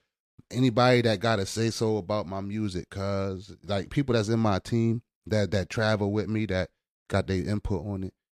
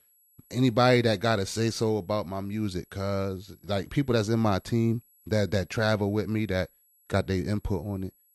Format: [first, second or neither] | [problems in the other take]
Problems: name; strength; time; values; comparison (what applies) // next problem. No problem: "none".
first | high-pitched whine; faint; throughout; 11.5 kHz, 30 dB below the speech